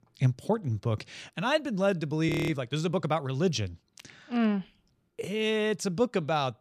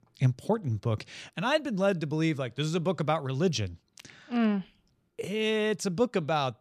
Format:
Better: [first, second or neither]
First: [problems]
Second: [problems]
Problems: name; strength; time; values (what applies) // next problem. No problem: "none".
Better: second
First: audio freezing; at 2.5 s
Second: none